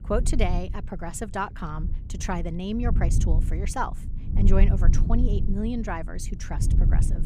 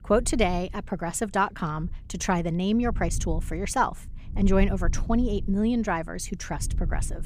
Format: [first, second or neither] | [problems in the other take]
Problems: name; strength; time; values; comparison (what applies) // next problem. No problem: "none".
second | low rumble; loud; throughout; 10 dB below the speech; faint in the second